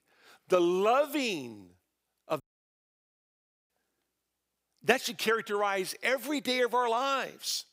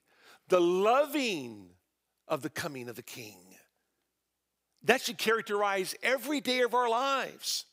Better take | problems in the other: second | audio cutting out; at 2.5 s for 1.5 s

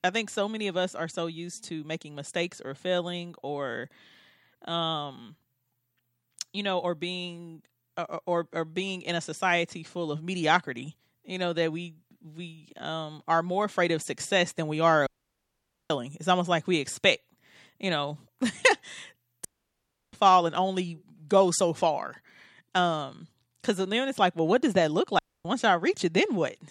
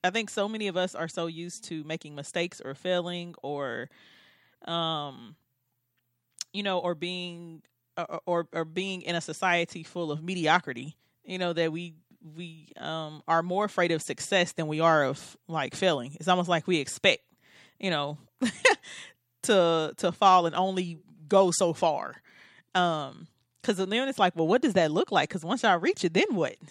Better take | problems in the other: second | audio cutting out; at 15 s for 1 s, at 19 s for 0.5 s and at 25 s

